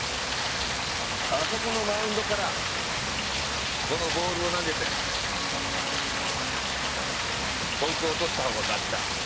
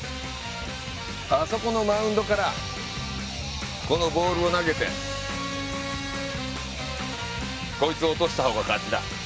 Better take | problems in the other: second | background sound (Rain); 3 dB above the speech

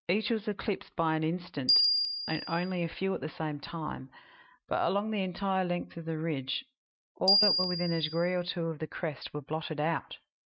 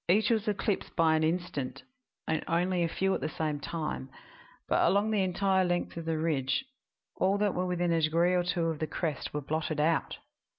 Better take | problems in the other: second | noise reduction (neural mask model RNNoise)

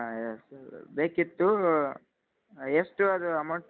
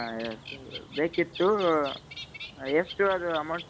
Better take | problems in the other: first | background sound (Bird); 14 dB below the speech

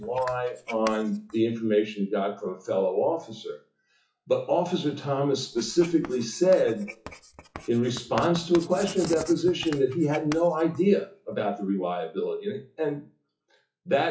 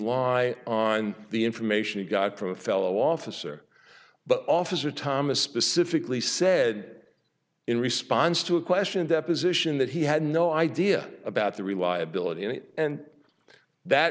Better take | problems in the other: second | noise reduction (classical method WPE with log-MMSE)

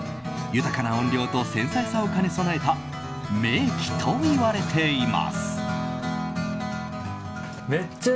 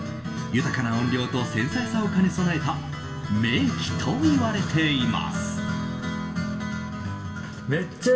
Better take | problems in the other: first | room echo; dies away in 1.6 s

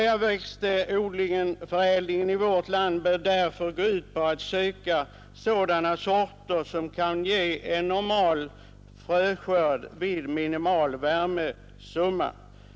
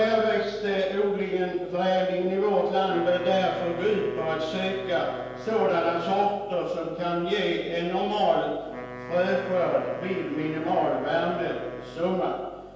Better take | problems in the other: first | background sound (Wind instrument, woodwind instrument); 16 dB below the speech // room echo; dies away in 1.2 s

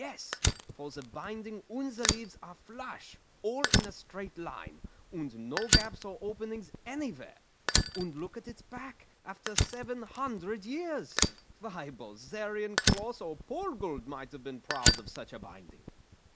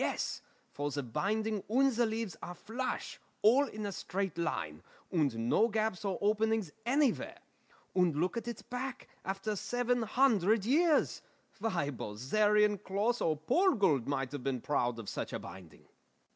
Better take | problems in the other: second | background sound (Fire); 5 dB above the speech

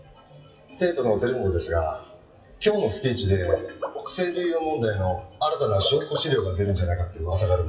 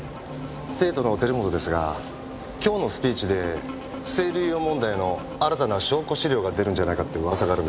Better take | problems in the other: second | noise reduction (classical method WPE with log-MMSE)

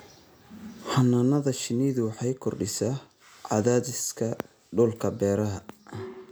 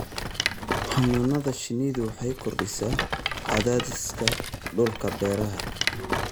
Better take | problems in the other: first | background sound (Rattle); 3 dB below the speech

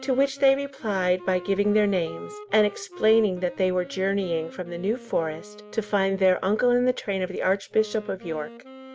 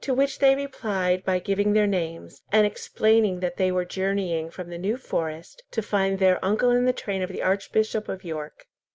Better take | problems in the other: second | background sound (Wind instrument, woodwind instrument); 19 dB below the speech

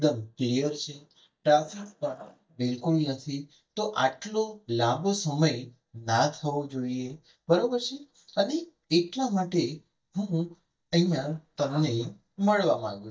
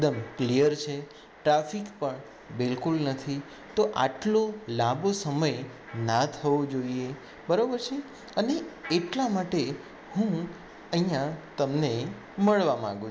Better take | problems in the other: second | noise reduction (neural mask model DeepFilterNet 3)

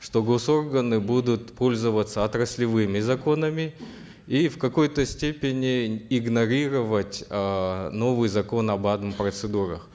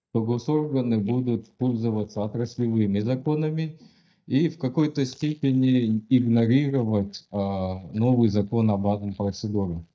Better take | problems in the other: first | noise reduction (neural mask model DeepFilterNet 3)

